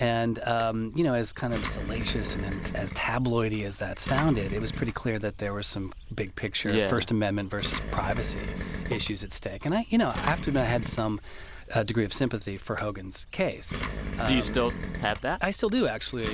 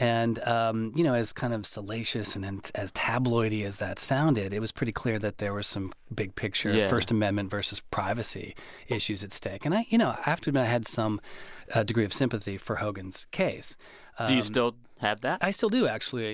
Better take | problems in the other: second | background sound (Engine); 8 dB below the speech

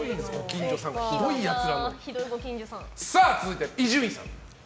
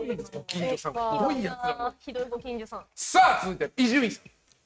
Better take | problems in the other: first | noise reduction (neural mask model RNNoise)

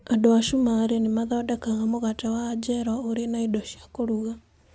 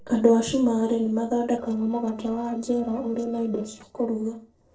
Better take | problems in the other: first | noise reduction (neural separator model SepFormer DNS4)

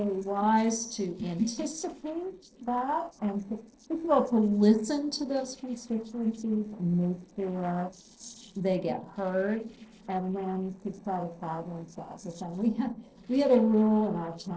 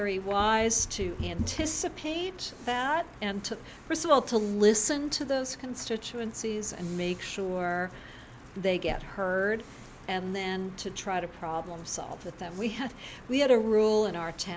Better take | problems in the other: second | noise reduction (neural separator model SepFormer DNS4)

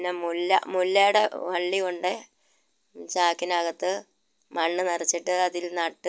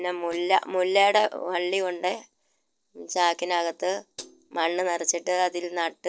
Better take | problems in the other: first | noise reduction (neural separator model SepFormer DNS4)

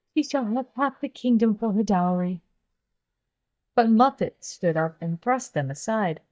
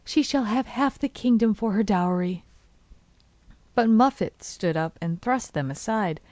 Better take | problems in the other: second | noise reduction (neural mask model DeepFilterNet 3)

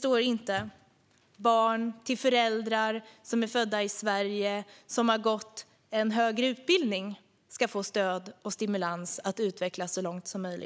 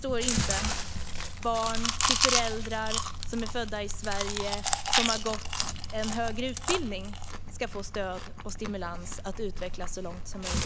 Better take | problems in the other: first | background sound (Chewing, mastication); 4 dB above the speech

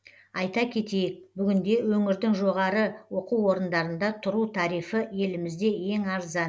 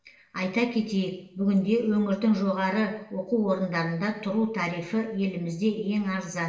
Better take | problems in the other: first | room echo; dies away in 0.8 s

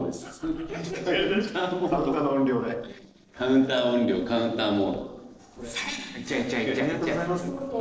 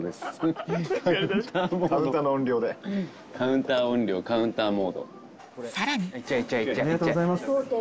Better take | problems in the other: second | noise reduction (neural separator model SepFormer DNS4)

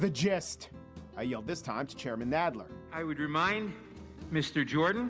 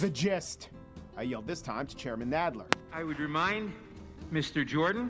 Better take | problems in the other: first | background sound (Fireworks); 11 dB below the speech

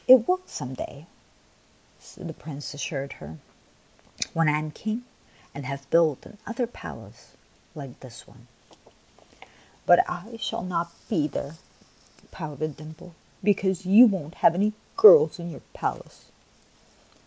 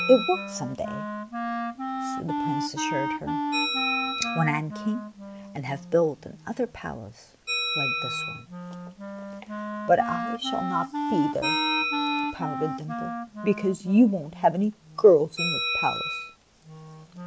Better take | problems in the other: first | background sound (Wind instrument, woodwind instrument + Bell); 3 dB below the speech

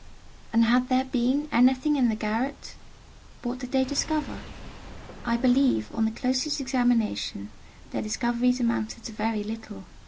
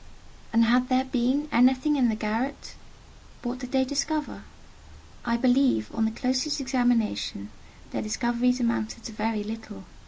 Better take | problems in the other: second | background sound (Engine / Car); 15 dB below the speech

